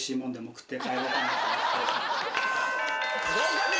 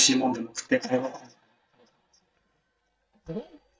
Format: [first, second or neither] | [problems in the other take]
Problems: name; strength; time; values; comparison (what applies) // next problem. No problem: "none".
first | noise reduction (neural mask model DeepFilterNet 3)